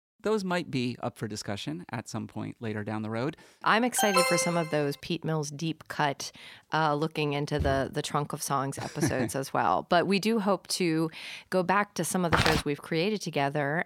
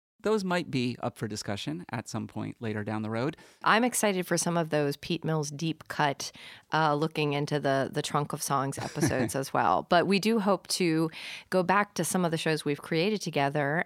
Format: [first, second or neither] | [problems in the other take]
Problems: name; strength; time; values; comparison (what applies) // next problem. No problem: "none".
second | alarm; loud; at 4 s; peak 4 dB above the speech // footsteps; noticeable; at 7.5 s; peak 7 dB below the speech // footsteps; loud; at 12 s; peak 4 dB above the speech